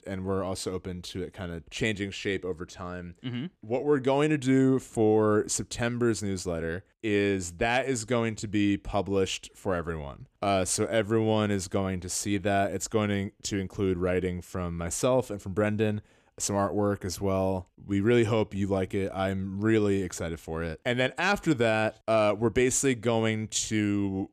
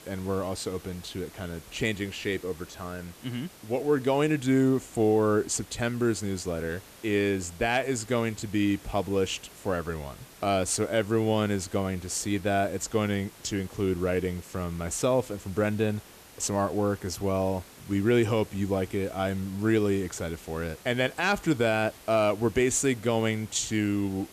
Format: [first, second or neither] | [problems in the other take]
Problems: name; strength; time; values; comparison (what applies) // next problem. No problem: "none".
first | hiss; faint; throughout; 20 dB below the speech